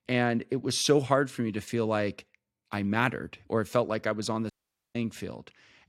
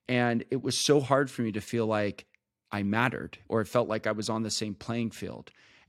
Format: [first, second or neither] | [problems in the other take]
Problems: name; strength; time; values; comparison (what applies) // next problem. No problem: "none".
second | audio cutting out; at 4.5 s